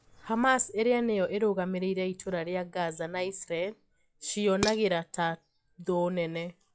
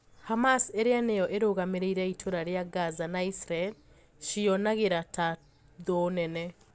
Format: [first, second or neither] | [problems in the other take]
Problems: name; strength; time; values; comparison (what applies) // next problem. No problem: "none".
second | noise reduction (classical method log-MMSE)